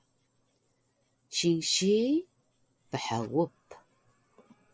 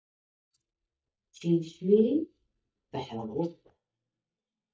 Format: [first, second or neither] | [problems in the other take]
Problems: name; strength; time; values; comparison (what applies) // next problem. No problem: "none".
first | noise reduction (neural mask model DeepFilterNet 3)